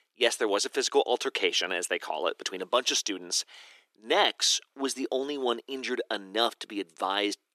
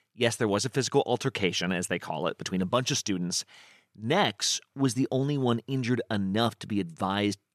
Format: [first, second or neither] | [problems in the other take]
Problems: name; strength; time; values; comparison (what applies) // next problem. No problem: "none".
second | thin; somewhat; fading below 300 Hz